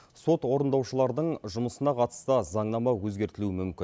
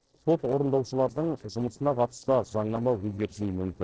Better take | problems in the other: first | noise reduction (neural separator model SepFormer DNS4)

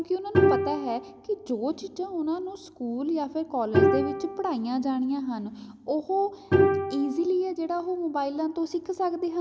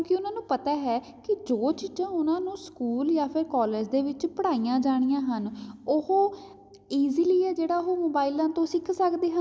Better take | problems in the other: second | background sound (Bowed string instrument); as loud as the speech

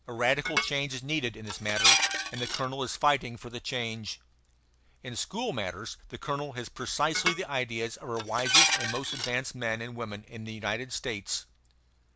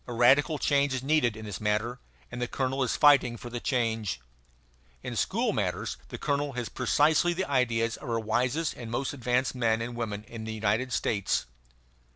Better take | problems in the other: second | background sound (Dishes, pots, and pans); 3 dB above the speech

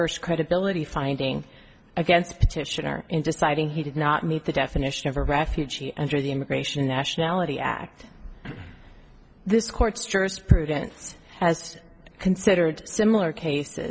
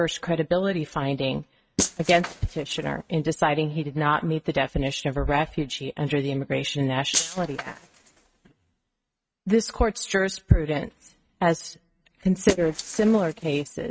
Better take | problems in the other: first | noise reduction (neural mask model RNNoise)

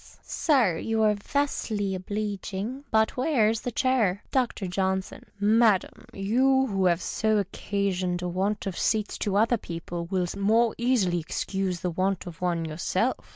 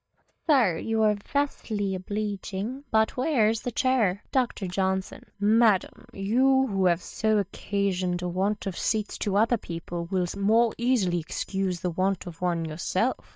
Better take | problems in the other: first | noise reduction (neural mask model DeepFilterNet 3)

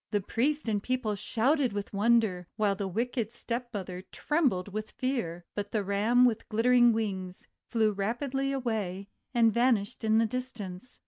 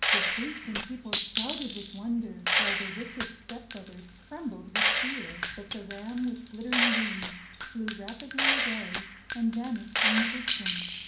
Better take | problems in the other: first | background sound (Gunshot, gunfire); 4 dB above the speech // room echo; dies away in 0.6 s

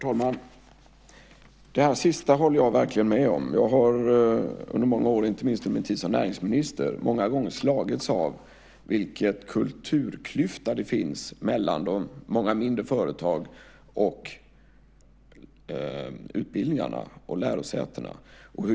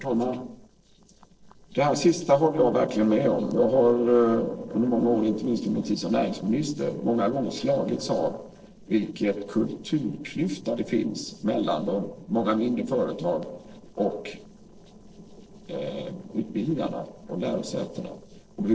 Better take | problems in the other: first | noise reduction (neural separator model SepFormer DNS4)

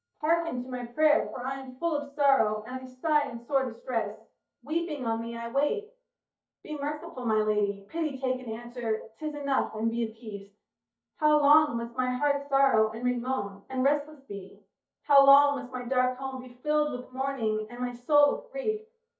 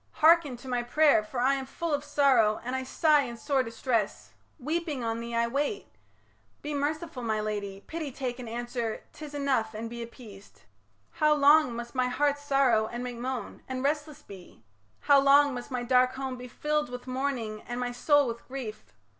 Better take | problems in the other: second | noise reduction (neural mask model DeepFilterNet 3)

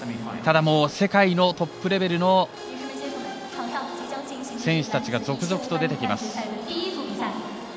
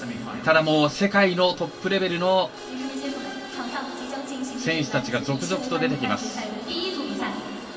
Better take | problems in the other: first | room echo; dies away in 0.2 s

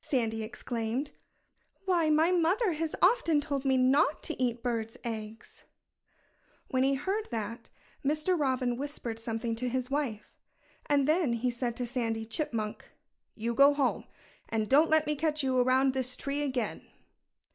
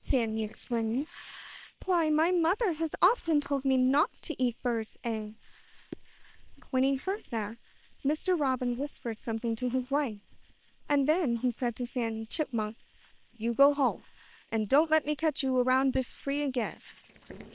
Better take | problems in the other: first | noise reduction (neural separator model SepFormer WHAM!)

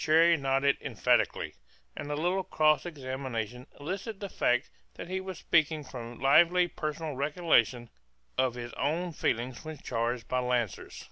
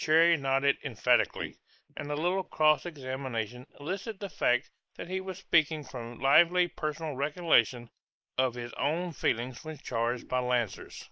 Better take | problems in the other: first | noise reduction (neural mask model Resemble Enhance denoiser)

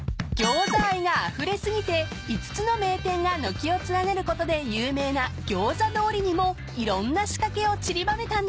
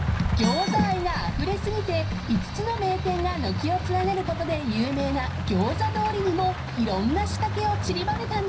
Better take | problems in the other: first | background sound (Rain); 11 dB below the speech // room echo; dies away in 0.5 s

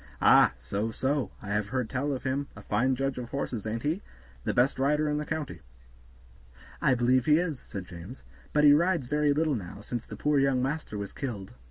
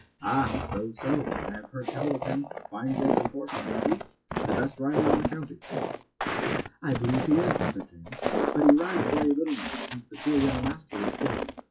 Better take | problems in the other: first | noise reduction (classical method WPE with log-MMSE)

